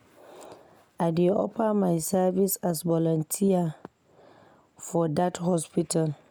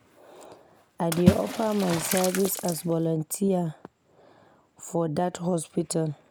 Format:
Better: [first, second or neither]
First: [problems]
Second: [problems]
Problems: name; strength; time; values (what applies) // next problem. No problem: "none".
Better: first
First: none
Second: background sound (Water / Splash, splatter); 1 dB below the speech